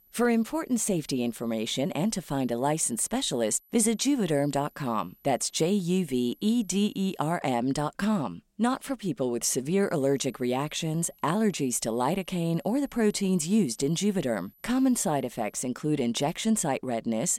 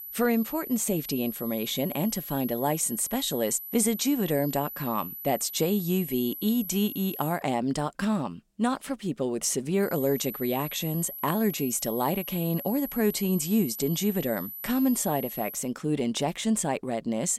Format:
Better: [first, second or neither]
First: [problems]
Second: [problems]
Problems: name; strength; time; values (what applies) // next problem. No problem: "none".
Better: first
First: high-pitched whine; faint; until 7.5 s and from 10 to 16 s; 12 kHz, 30 dB below the speech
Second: high-pitched whine; loud; until 7.5 s and from 10 to 16 s; 12 kHz, 9 dB below the speech